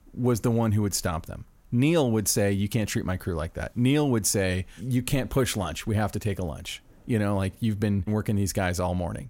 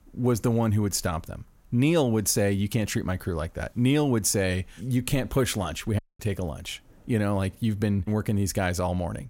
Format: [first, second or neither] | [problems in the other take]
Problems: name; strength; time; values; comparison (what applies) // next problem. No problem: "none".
first | audio cutting out; at 6 s